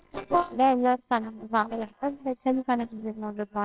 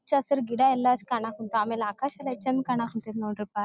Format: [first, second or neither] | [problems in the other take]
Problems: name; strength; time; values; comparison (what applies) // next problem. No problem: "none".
second | noise reduction (neural separator model SepFormer WHAMR!)